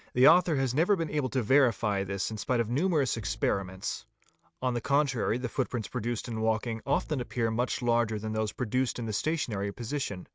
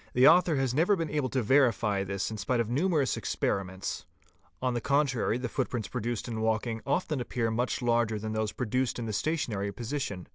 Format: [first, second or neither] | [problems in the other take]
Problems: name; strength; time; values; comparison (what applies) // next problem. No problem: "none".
second | noise reduction (neural mask model RNNoise)